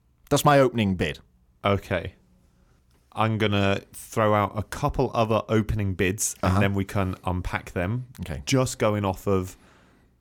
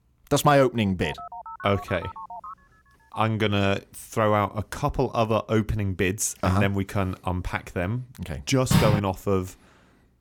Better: first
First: none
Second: phone ringing; faint; from 1 to 3 s; peak 15 dB below the speech // door banging; loud; at 8.5 s; peak 3 dB above the speech

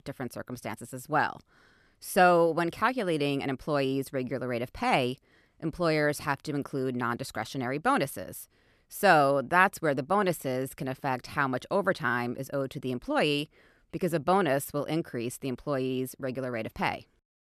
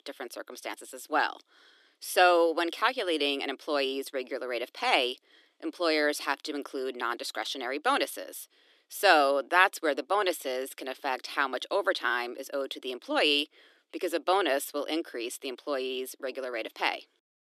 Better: first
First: none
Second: thin; somewhat; fading below 300 Hz

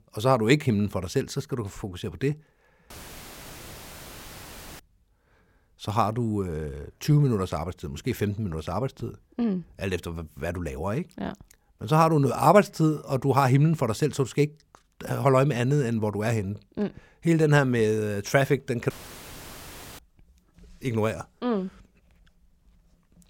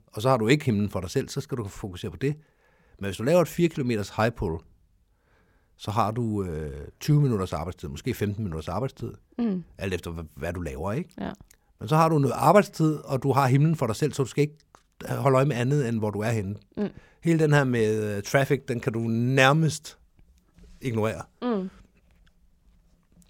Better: second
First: audio cutting out; filled with static; at 3 s for 2 s and at 19 s for 1 s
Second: none

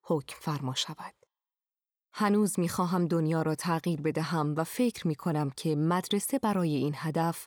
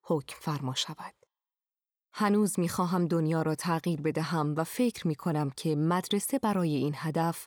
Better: neither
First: none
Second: none

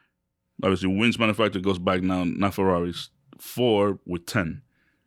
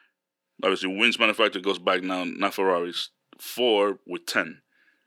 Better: first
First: none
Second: thin; somewhat; fading below 300 Hz

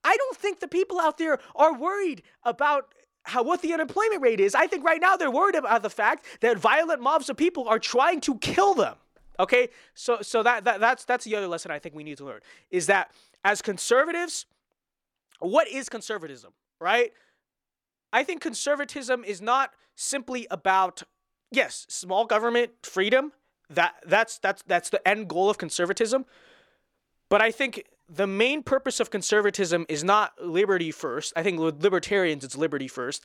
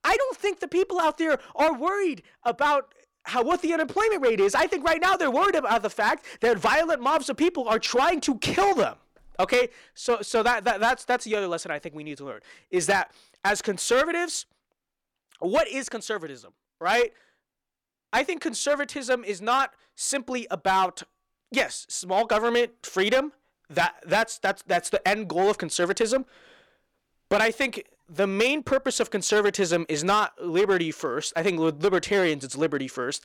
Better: first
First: none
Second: distortion; slight; 6% of the sound clipped

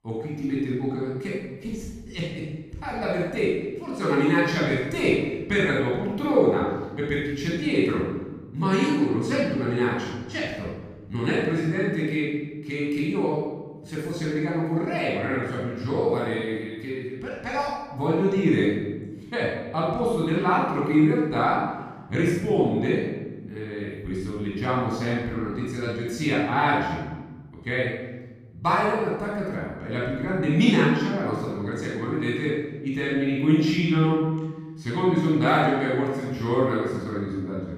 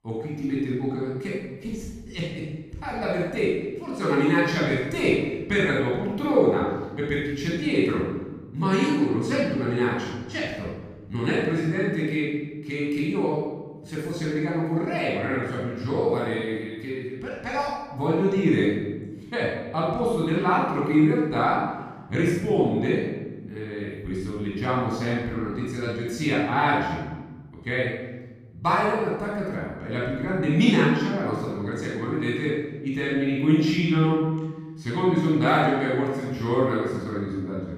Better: neither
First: off-mic speech; far // room echo; strong; dies away in 1.1 s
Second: off-mic speech; far // room echo; strong; dies away in 1.1 s

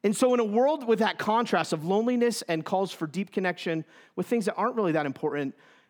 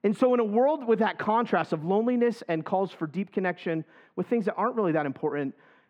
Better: first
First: none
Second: muffled; slightly; fading above 4 kHz

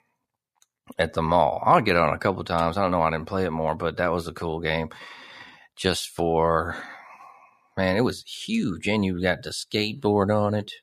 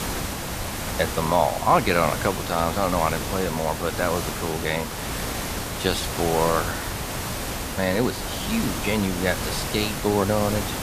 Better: first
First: none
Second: hiss; loud; throughout; 4 dB below the speech

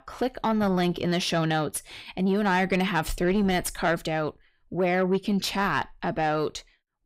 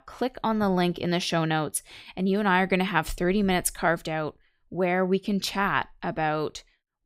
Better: second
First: distortion; slight; 10 dB below the speech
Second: none

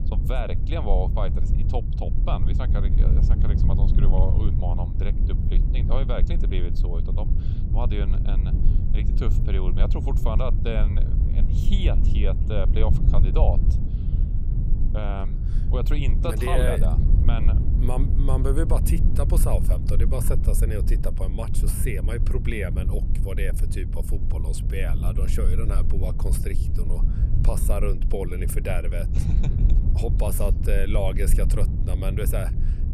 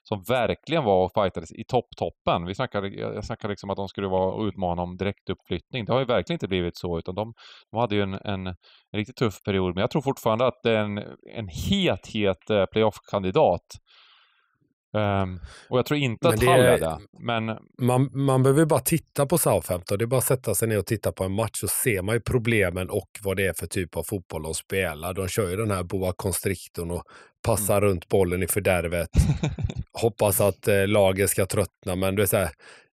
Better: second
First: low rumble; loud; throughout; 6 dB below the speech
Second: none

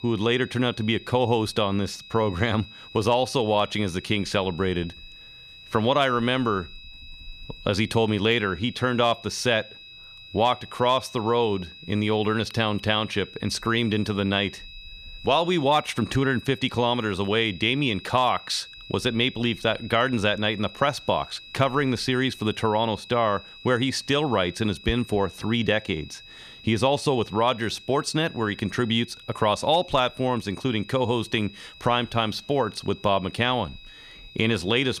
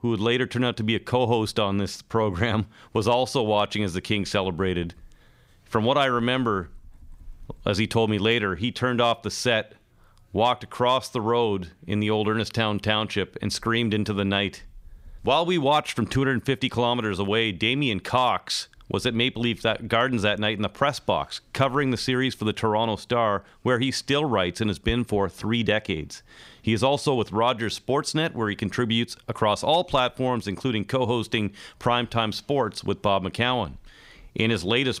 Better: second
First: high-pitched whine; noticeable; throughout; 4 kHz, 20 dB below the speech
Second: none

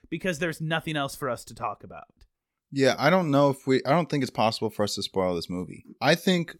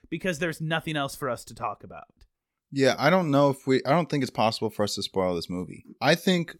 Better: neither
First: none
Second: none

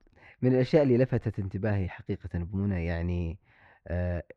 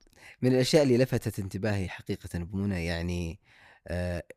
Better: second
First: muffled; slightly; fading above 2 kHz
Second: none

